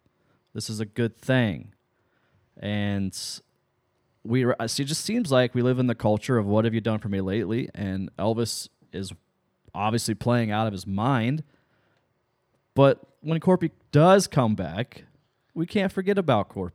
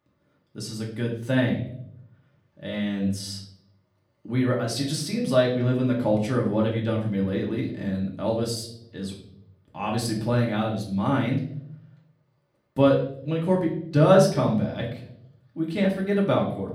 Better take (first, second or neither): first